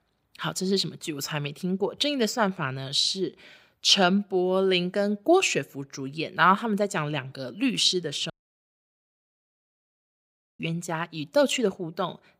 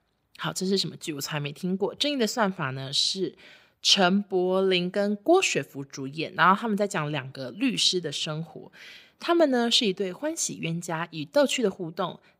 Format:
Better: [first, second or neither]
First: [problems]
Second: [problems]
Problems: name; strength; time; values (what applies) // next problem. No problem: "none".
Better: second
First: audio cutting out; at 8.5 s for 2.5 s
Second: none